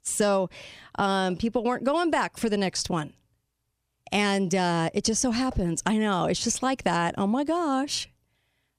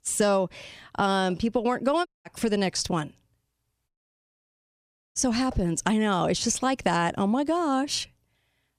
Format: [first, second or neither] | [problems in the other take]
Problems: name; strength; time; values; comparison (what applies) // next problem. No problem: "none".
first | audio cutting out; at 2 s and at 4 s for 1.5 s